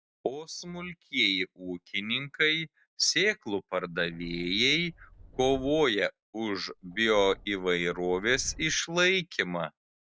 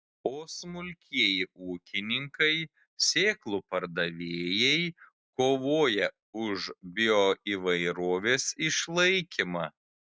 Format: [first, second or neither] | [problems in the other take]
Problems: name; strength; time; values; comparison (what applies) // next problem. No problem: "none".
second | background sound (Subway, metro, underground); 19 dB below the speech